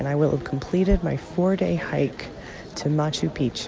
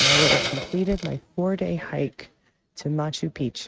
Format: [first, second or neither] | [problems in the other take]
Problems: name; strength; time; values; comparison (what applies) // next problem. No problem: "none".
first | noise reduction (neural mask model RNNoise)